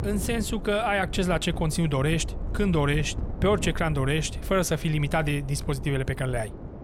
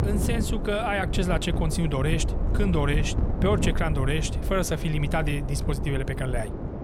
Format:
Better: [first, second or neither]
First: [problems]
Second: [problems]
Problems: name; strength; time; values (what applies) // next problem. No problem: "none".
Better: first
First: wind noise on the microphone; occasional gusts; 15 dB below the speech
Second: wind noise on the microphone; heavy; 8 dB below the speech